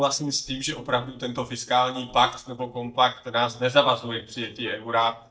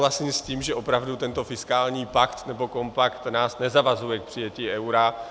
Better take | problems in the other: second | noise reduction (neural mask model DeepFilterNet 3)

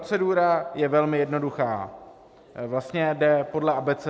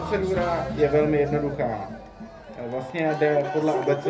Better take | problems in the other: first | background sound (Cheering); 8 dB below the speech // room echo; dies away in 0.3 s

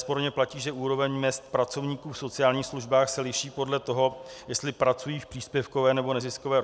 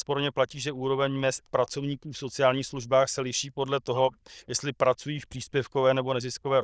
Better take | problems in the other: first | noise reduction (neural diffusion model UNIVERSE++)

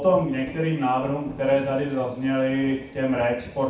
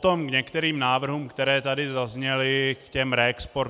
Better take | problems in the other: second | background sound (Thunder / Rain); 18 dB below the speech // room echo; dies away in 0.7 s

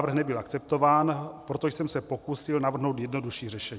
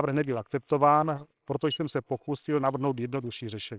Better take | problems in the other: first | noise reduction (neural separator model SepFormer WHAMR!)

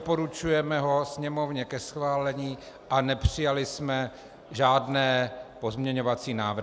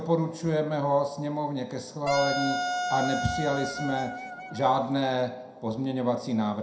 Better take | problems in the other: first | background sound (Wind instrument, woodwind instrument); 4 dB below the speech // room echo; dies away in 0.4 s

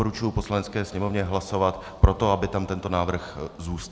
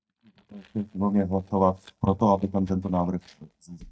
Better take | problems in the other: first | noise reduction (neural mask model DeepFilterNet 3)

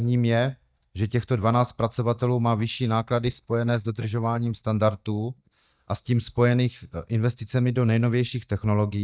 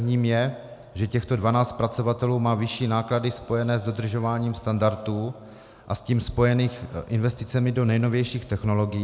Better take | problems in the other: second | noise reduction (neural mask model DeepFilterNet 3)

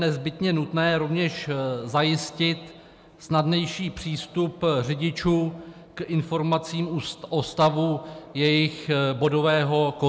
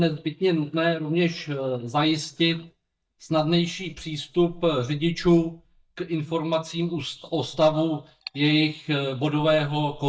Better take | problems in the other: first | noise reduction (neural mask model DeepFilterNet 3)

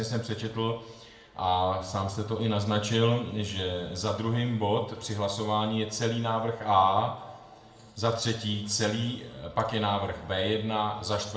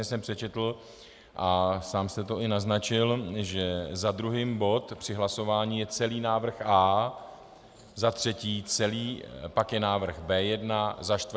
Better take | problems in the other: second | room echo; dies away in 0.7 s

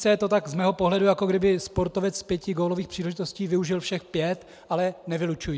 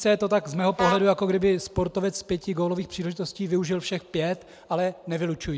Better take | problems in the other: first | background sound (Vehicle horn, car horn, honking); 8 dB below the speech

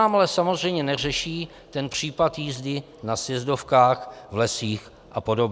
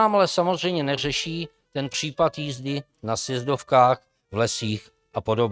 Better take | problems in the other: first | noise reduction (neural mask model RNNoise)

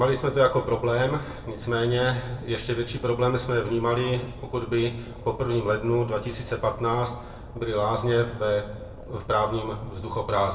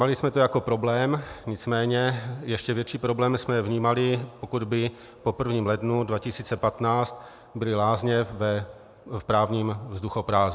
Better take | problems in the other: second | background sound (Boat, Water vehicle); 15 dB below the speech // room echo; dies away in 0.7 s

